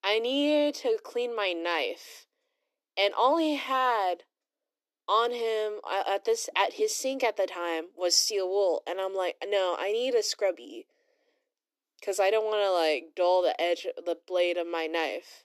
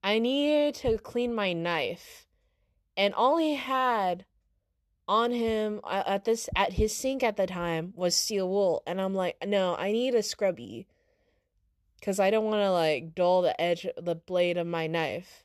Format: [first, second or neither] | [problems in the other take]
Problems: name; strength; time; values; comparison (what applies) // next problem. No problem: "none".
second | thin; very slightly; fading below 300 Hz